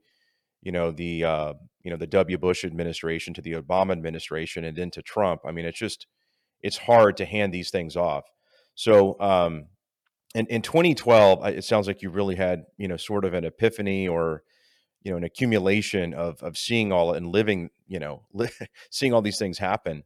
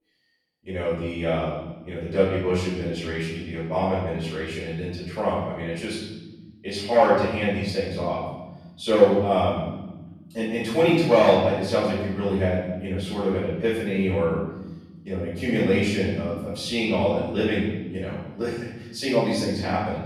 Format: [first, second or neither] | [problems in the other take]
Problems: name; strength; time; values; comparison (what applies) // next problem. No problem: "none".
first | room echo; noticeable; dies away in 1.2 s // off-mic speech; far